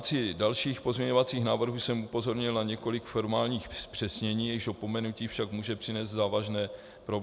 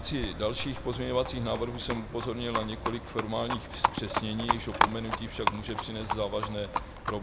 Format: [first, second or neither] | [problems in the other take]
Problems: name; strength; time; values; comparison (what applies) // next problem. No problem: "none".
first | background sound (Livestock, farm animals, working animals); as loud as the speech